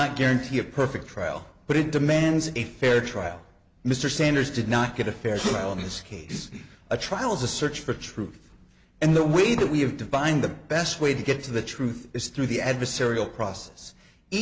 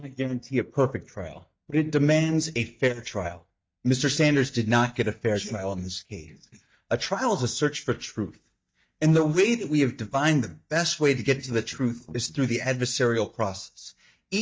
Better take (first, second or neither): first